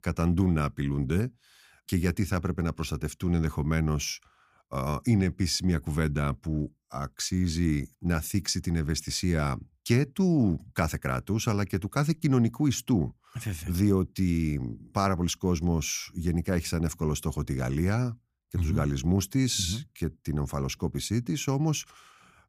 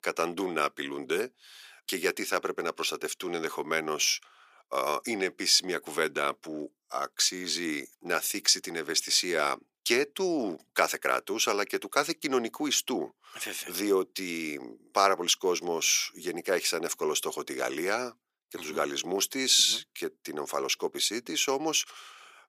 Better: first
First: none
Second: thin; very; fading below 400 Hz

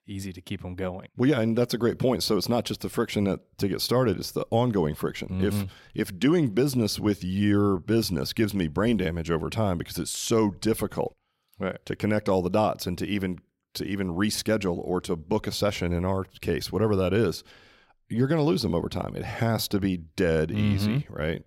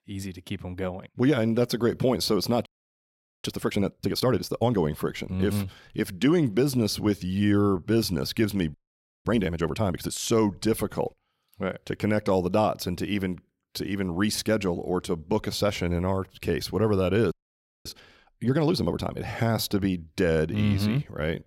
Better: first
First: none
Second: audio freezing; at 2.5 s for 1 s, at 8.5 s for 0.5 s and at 17 s for 0.5 s

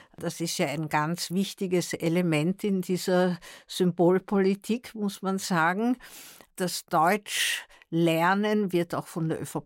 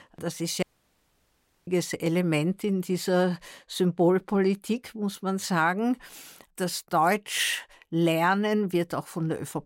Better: first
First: none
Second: audio cutting out; at 0.5 s for 1 s

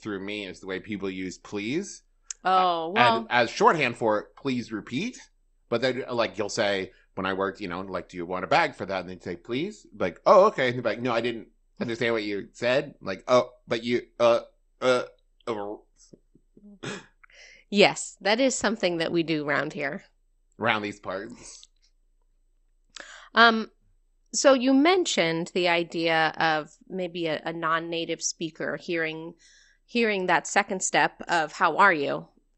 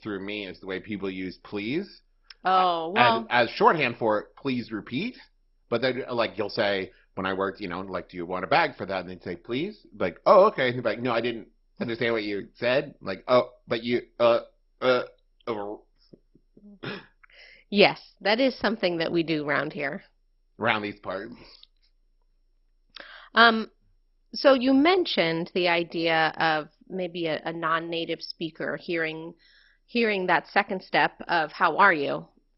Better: first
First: garbled, watery; slightly; nothing above 8 kHz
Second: garbled, watery; badly; nothing above 5.5 kHz

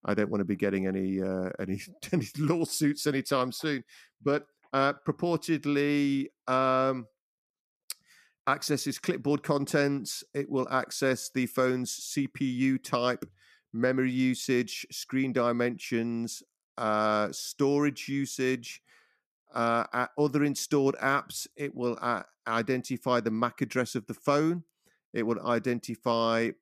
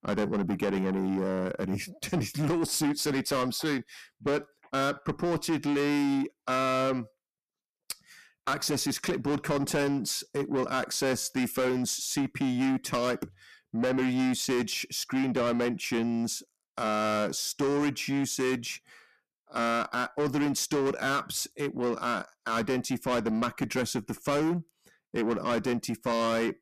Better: first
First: none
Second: distortion; heavy; 7 dB below the speech

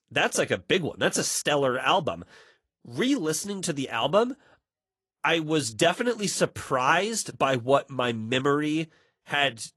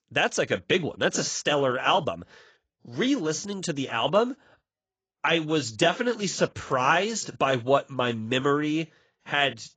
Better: first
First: garbled, watery; slightly; nothing above 11.5 kHz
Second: garbled, watery; badly; nothing above 7.5 kHz

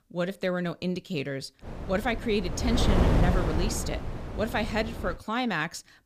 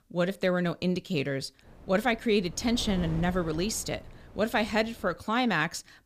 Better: second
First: wind noise on the microphone; heavy; from 1.5 to 5 s; 4 dB below the speech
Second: wind noise on the microphone; occasional gusts; from 1.5 to 5 s; 20 dB below the speech

